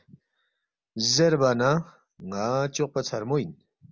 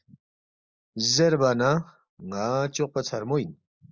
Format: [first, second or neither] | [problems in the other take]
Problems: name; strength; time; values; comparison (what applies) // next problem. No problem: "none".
first | noise reduction (neural mask model Resemble Enhance denoiser)